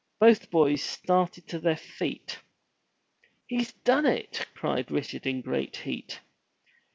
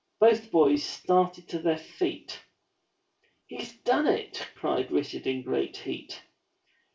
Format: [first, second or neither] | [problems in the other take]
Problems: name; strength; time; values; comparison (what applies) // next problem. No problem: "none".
first | room echo; dies away in 0.2 s